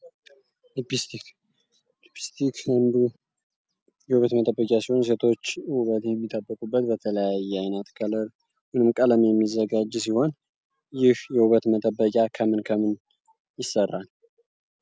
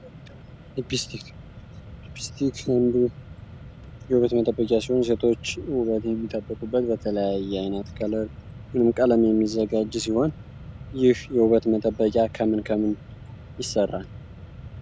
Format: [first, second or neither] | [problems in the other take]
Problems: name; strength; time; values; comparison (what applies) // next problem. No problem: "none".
first | background sound (Mechanisms); 16 dB below the speech